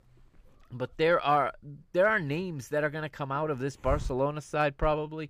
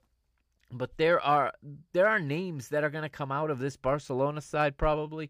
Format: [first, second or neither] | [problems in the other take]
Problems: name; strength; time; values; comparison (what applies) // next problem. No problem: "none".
second | hiss; noticeable; throughout; 10 dB below the speech